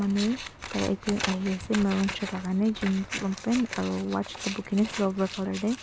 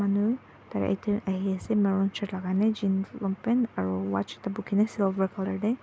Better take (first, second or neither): second